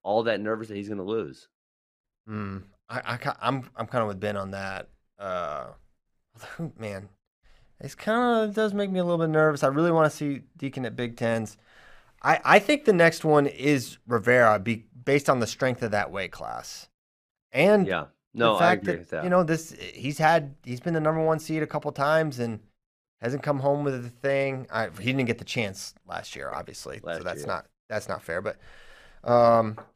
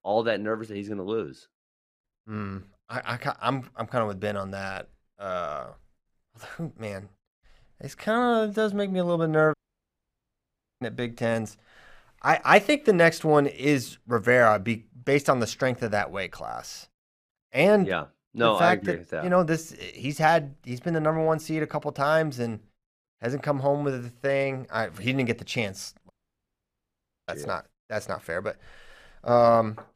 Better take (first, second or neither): first